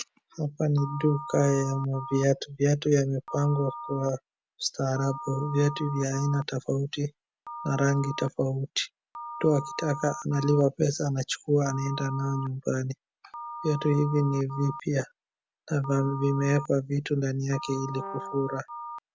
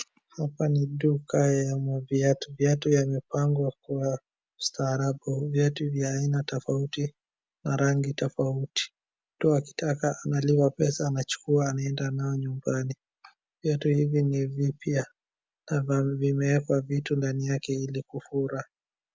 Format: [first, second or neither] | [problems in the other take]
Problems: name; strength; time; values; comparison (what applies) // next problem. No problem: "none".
second | background sound (Telephone + Brass instrument); 13 dB below the speech